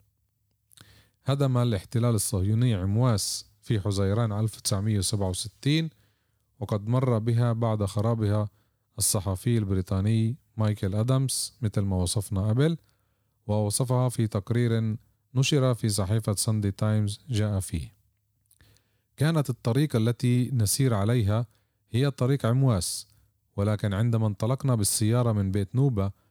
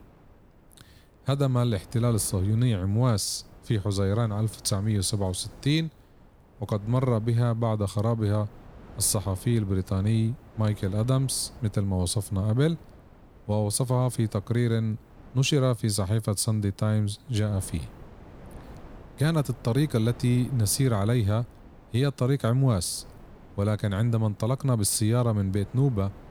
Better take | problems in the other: first | wind noise on the microphone; occasional gusts; 20 dB below the speech

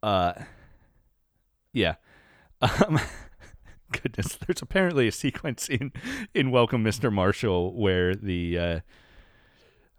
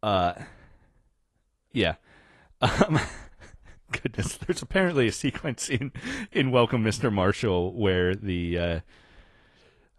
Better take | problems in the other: first | garbled, watery; slightly

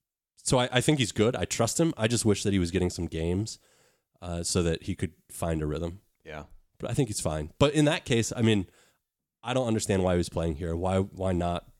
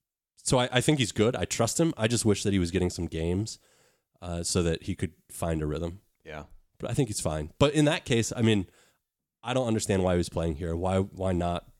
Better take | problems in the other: neither | none

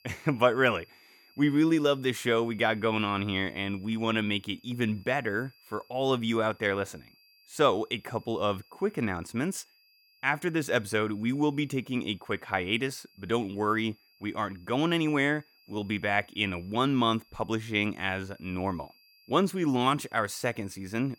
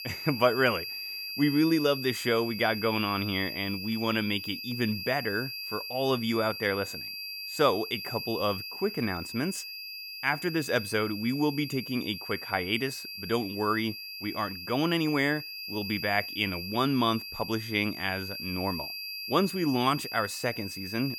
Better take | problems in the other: first | high-pitched whine; loud; throughout; 5 kHz, 7 dB below the speech; faint in the first

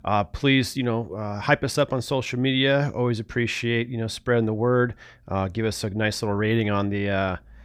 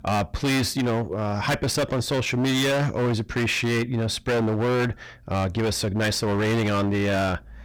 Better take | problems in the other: first | distortion; heavy; 26% of the sound clipped

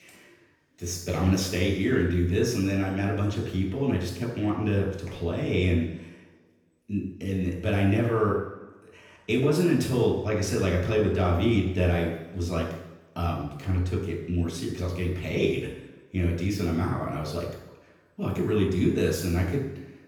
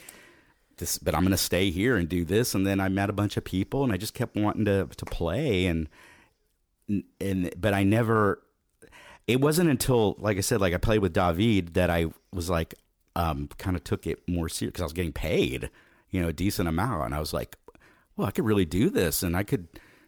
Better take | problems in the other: second | room echo; noticeable; dies away in 0.9 s // off-mic speech; far

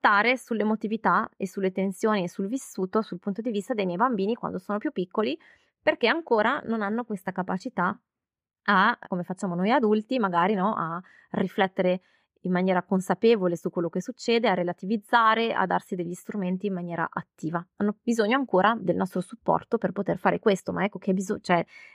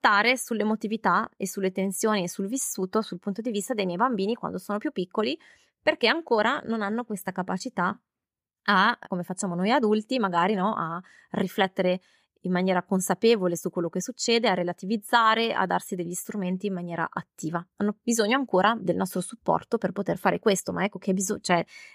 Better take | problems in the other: second | muffled; slightly; fading above 4 kHz

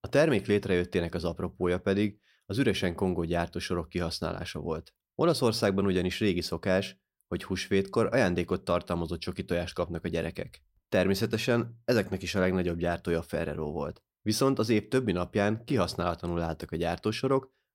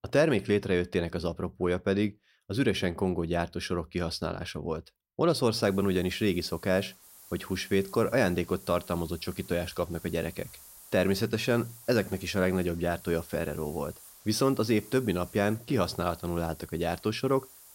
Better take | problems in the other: first | hiss; noticeable; from 5.5 s on; 20 dB below the speech

